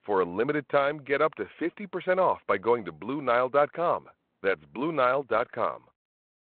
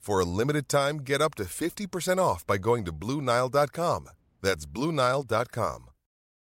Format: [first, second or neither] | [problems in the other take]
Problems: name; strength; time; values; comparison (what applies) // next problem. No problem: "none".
second | phone-call audio; nothing above 4 kHz